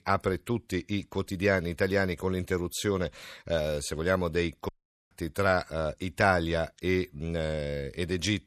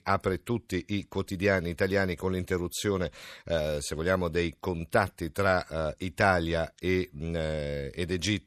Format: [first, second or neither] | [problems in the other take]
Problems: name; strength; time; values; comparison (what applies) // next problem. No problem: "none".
second | audio cutting out; at 4.5 s